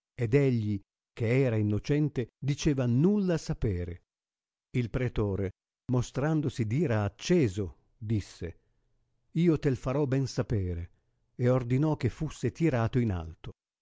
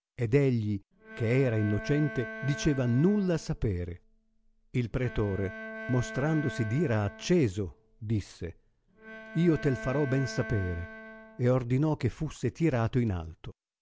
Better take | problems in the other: first | background sound (Bowed string instrument); 14 dB below the speech

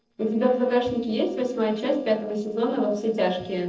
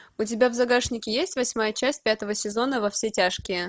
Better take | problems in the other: second | noise reduction (neural separator model SepFormer DNS4)

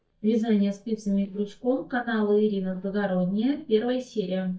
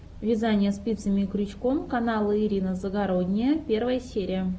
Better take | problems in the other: second | noise reduction (neural mask model DeepFilterNet 3)

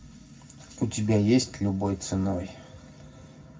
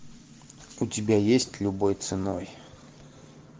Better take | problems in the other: second | room echo; dies away in 0.4 s

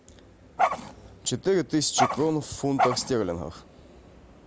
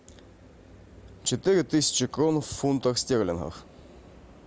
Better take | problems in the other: second | background sound (Dog); as loud as the speech

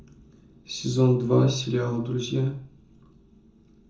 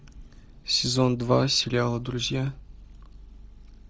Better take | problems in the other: second | room echo; dies away in 0.5 s

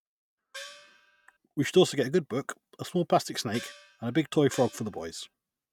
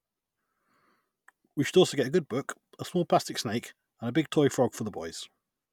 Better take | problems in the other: second | noise reduction (neural mask model RNNoise)

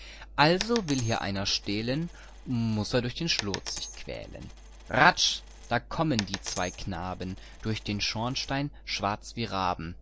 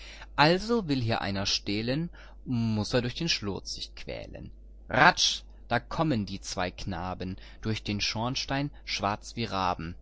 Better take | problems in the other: second | background sound (Coin (dropping)); 14 dB below the speech

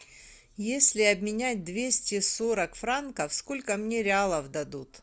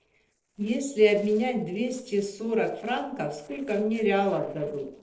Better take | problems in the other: first | noise reduction (neural separator model SepFormer DNS4)

